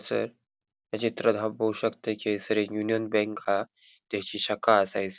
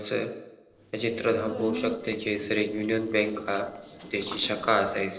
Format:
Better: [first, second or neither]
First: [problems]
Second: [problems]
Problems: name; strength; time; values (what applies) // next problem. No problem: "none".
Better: first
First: none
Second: noise reduction (neural separator model SepFormer DNS4)